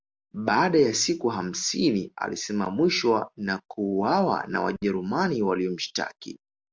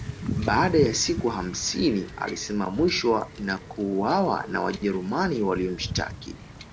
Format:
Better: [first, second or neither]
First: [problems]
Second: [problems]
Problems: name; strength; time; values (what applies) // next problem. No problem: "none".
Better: first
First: none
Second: background sound (Wind / Ocean / Boat, Water vehicle); 10 dB below the speech